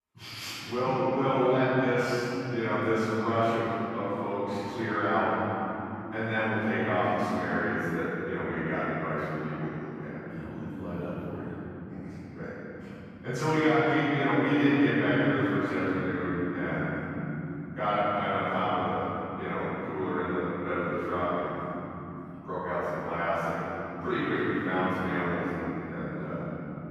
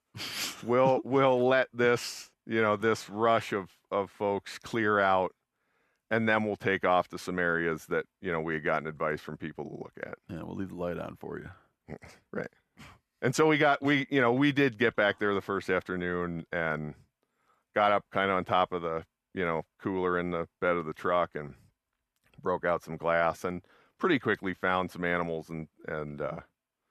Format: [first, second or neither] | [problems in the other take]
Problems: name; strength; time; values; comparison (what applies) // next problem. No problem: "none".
second | room echo; strong; dies away in 3 s // off-mic speech; far